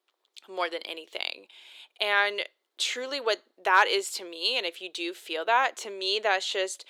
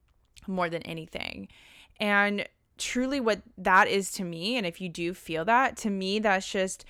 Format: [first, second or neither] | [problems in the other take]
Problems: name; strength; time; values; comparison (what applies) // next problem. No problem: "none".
second | thin; very; fading below 350 Hz